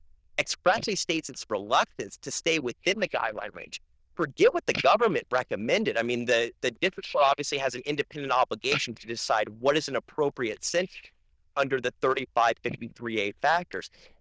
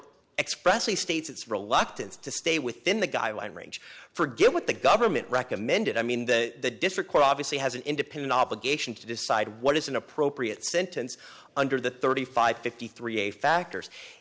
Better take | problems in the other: second | noise reduction (neural diffusion model UNIVERSE++)

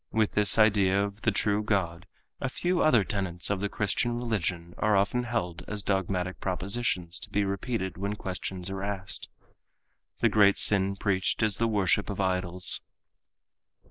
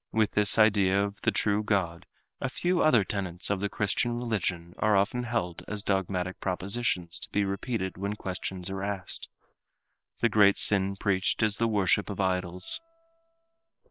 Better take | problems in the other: first | noise reduction (neural separator model SepFormer WHAM!)

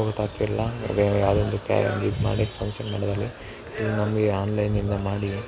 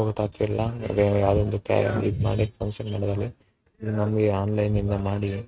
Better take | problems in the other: first | noise reduction (neural mask model RNNoise)

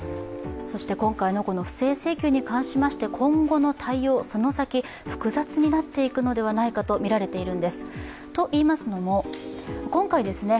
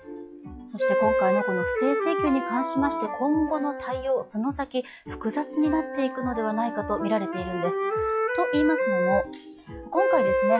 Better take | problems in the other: first | noise reduction (classical method log-MMSE)

